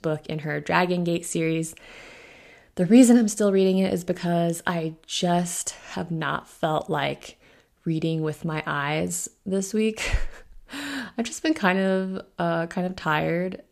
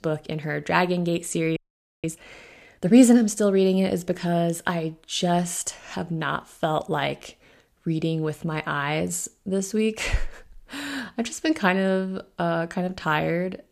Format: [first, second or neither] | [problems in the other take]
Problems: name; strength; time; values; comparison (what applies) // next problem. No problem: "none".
first | audio freezing; at 1.5 s